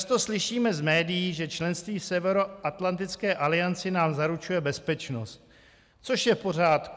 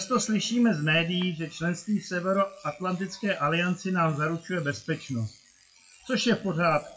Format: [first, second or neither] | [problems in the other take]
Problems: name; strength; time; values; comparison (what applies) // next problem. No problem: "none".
first | noise reduction (classical method WPE with log-MMSE)